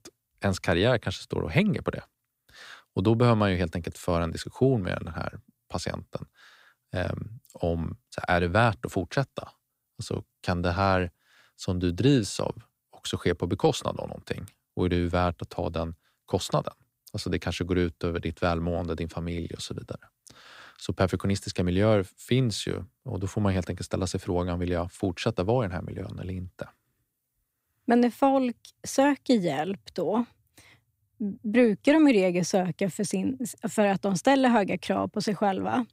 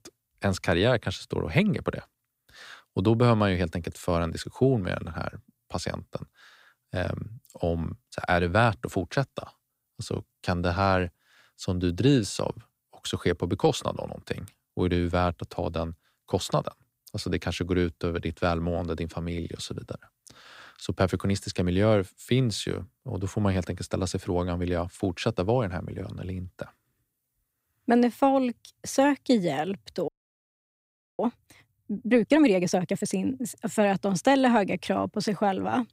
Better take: first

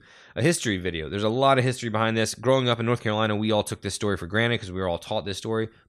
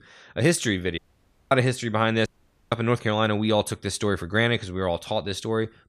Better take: first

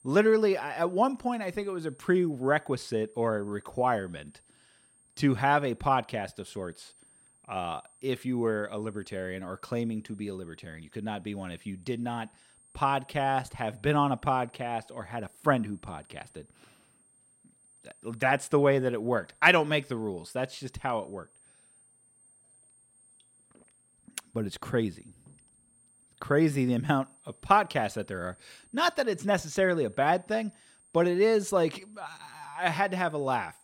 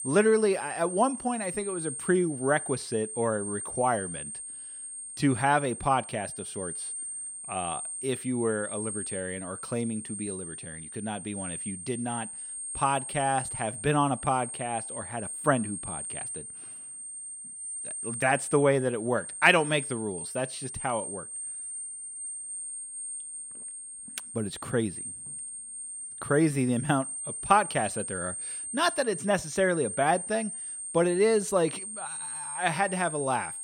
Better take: first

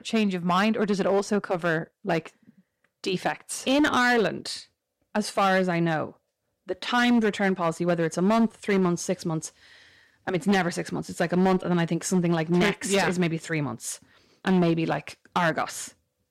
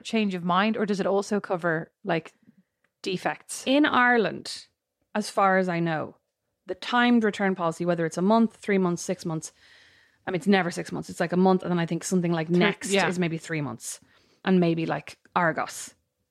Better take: second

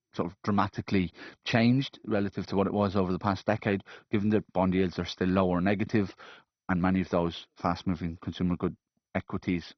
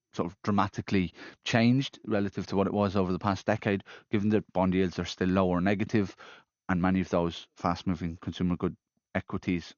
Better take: second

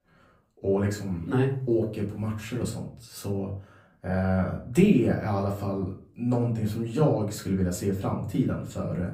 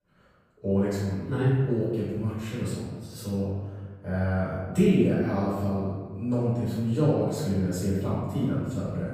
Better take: first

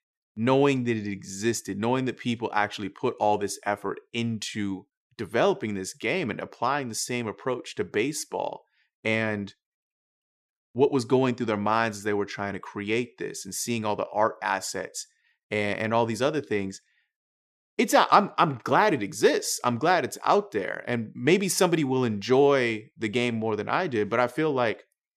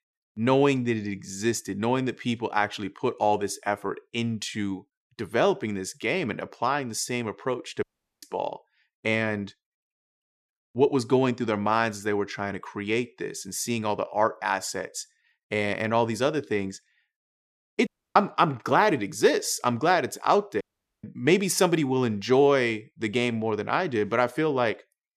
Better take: first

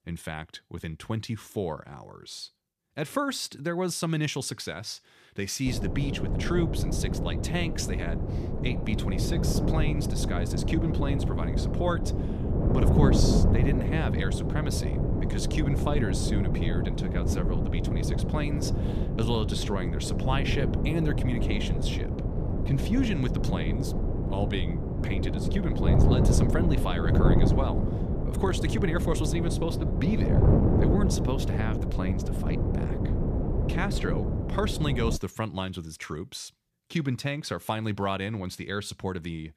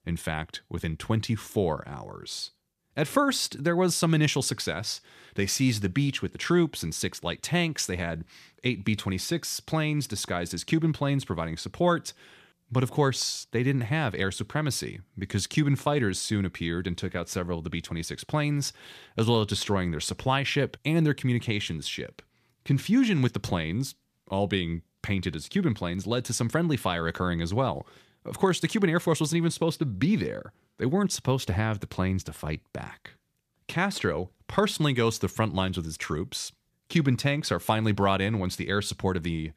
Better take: second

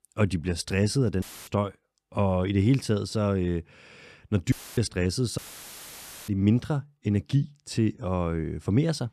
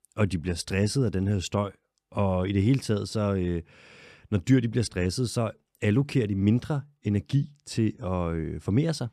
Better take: second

